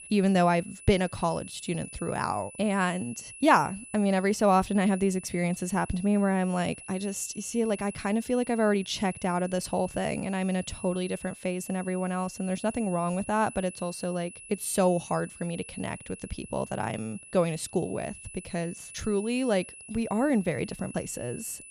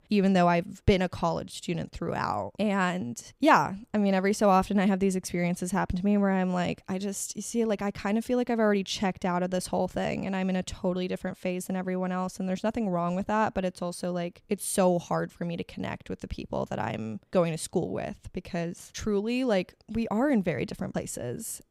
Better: second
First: high-pitched whine; noticeable; throughout; 10 kHz, 15 dB below the speech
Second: none

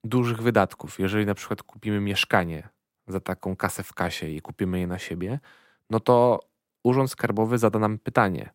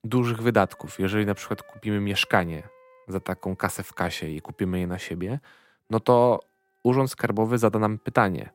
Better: first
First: none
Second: background music; faint; throughout; 30 dB below the speech

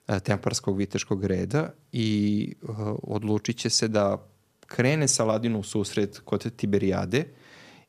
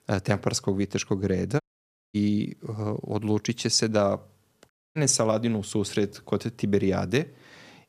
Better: first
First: none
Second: audio cutting out; at 1.5 s for 0.5 s and at 4.5 s

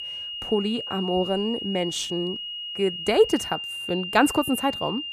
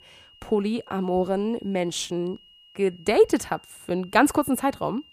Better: second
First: high-pitched whine; loud; throughout; 3 kHz, 6 dB below the speech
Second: high-pitched whine; faint; throughout; 3 kHz, 25 dB below the speech

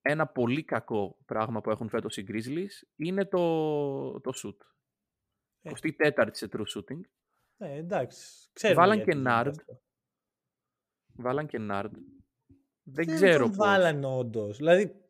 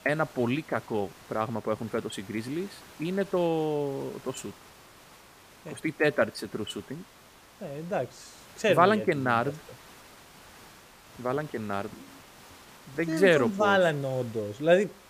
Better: first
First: none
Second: hiss; faint; throughout; 20 dB below the speech

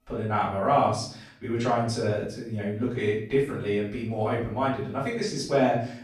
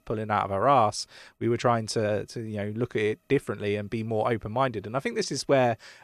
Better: second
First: room echo; noticeable; dies away in 0.6 s // off-mic speech; far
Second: none

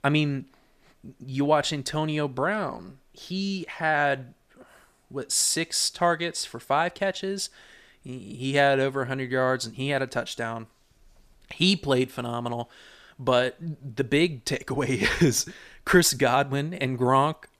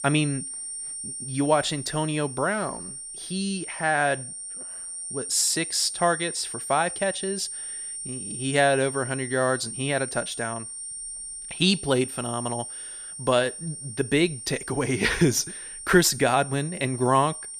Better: first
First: none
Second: high-pitched whine; loud; throughout; 9 kHz, 8 dB below the speech

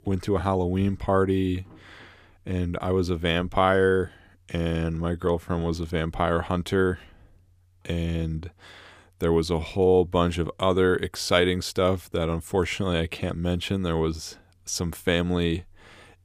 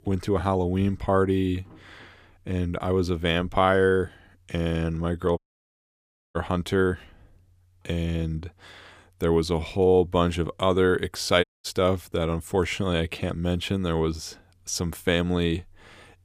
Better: first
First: none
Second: audio cutting out; at 5.5 s for 1 s and at 11 s

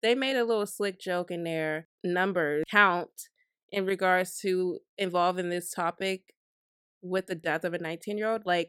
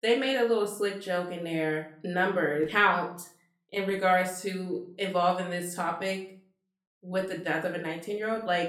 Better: first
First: none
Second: room echo; slight; dies away in 0.4 s // off-mic speech; somewhat distant

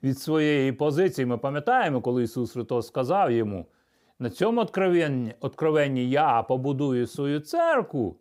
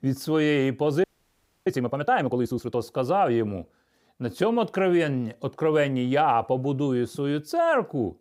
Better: first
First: none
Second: audio freezing; at 1 s for 0.5 s

